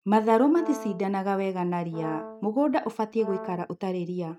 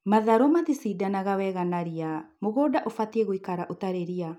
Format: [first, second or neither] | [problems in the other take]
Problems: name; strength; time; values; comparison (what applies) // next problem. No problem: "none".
second | noise reduction (neural mask model RNNoise)